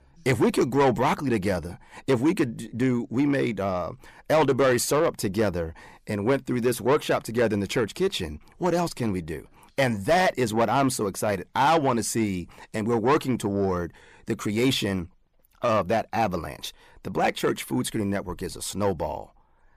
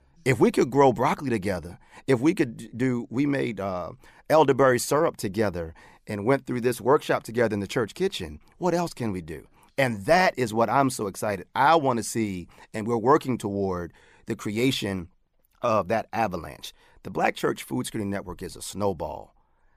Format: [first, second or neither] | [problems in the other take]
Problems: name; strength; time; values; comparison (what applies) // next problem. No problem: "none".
second | distortion; slight; 10 dB below the speech